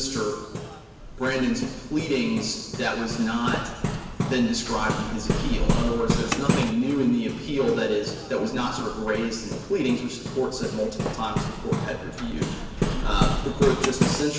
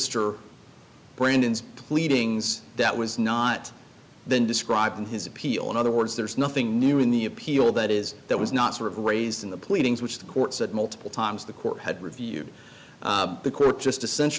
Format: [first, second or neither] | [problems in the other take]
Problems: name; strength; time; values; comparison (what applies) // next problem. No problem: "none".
second | background sound (Hammer); 2 dB below the speech // room echo; dies away in 1.2 s